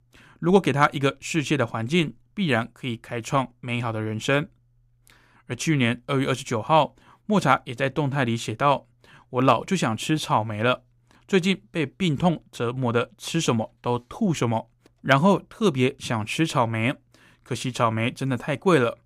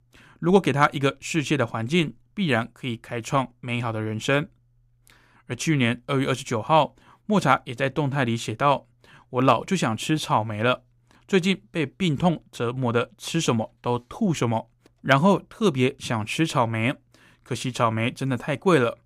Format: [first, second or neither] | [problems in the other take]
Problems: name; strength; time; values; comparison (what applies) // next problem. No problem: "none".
neither | none